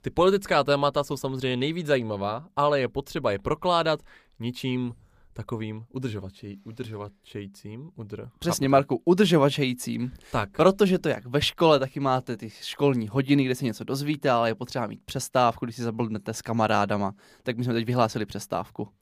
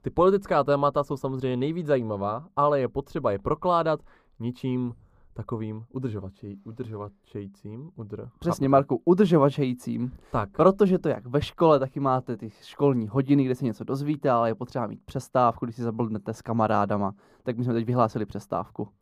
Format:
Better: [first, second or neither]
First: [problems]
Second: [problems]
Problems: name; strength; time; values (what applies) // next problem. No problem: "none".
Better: first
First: none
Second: muffled; slightly; fading above 1.5 kHz